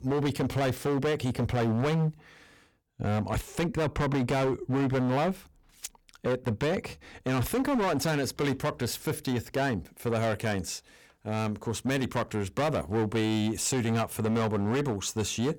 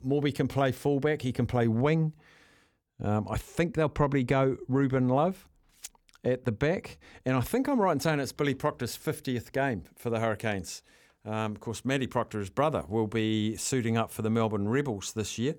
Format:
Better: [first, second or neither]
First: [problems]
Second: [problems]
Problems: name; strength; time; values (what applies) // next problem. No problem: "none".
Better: second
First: distortion; heavy; 18% of the sound clipped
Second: none